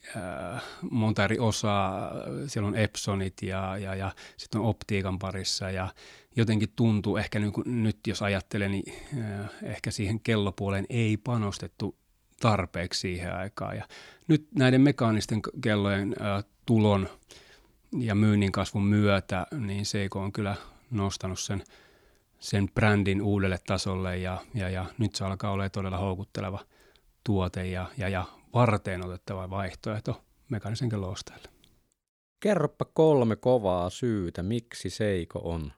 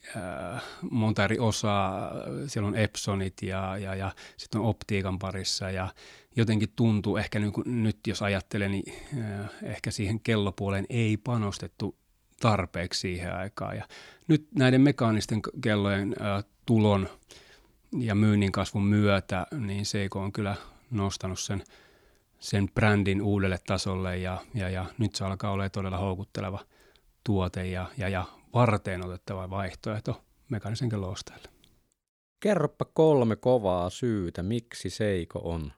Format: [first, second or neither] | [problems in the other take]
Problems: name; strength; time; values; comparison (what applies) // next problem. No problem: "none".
neither | none